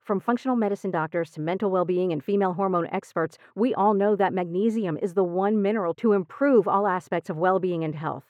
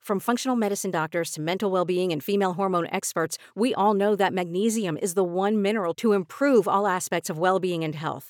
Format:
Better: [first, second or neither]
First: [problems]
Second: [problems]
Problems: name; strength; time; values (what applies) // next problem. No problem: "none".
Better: second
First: muffled; very; fading above 3.5 kHz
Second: none